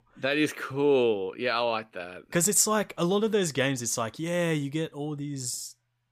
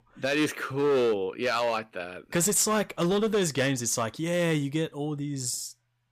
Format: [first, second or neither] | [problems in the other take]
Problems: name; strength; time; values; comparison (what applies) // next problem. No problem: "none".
first | distortion; slight; 8% of the sound clipped